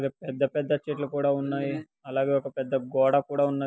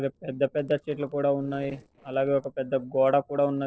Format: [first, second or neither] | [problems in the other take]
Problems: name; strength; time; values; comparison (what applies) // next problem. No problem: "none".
first | noise reduction (neural separator model SepFormer DNS4)